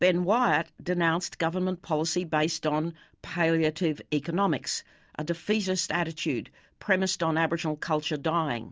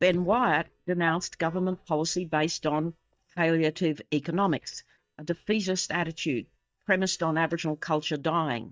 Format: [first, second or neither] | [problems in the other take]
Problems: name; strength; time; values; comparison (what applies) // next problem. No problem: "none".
first | noise reduction (neural mask model DeepFilterNet 3)